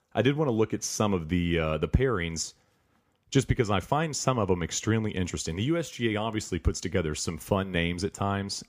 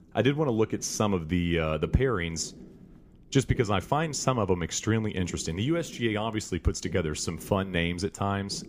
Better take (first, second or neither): first